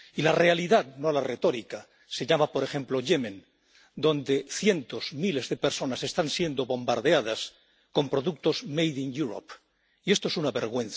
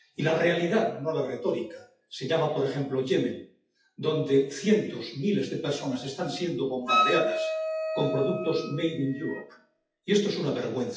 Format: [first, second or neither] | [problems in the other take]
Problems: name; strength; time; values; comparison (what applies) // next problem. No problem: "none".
first | noise reduction (classical method WPE with log-MMSE)